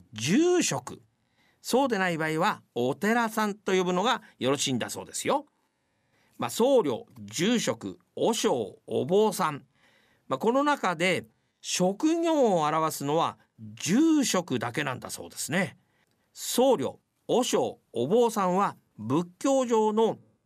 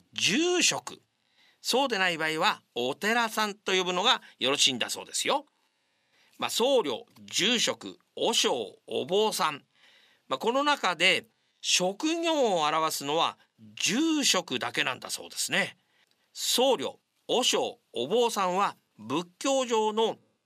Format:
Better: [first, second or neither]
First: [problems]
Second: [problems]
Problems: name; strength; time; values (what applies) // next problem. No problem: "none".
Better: first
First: none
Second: thin; very slightly; fading below 800 Hz